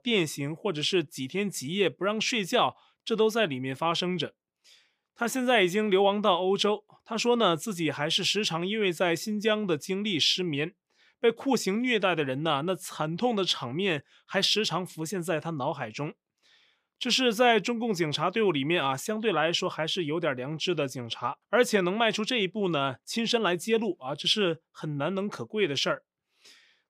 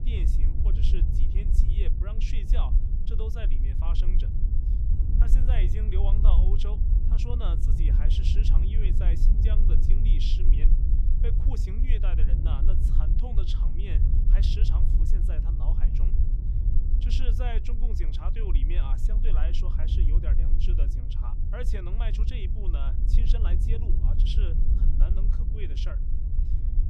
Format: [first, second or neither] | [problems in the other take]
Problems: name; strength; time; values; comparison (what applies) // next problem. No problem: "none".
first | low rumble; loud; throughout; 2 dB below the speech